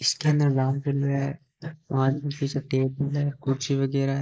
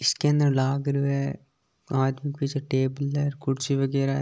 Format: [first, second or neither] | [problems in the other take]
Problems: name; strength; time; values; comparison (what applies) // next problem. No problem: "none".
second | noise reduction (neural mask model Resemble Enhance denoiser)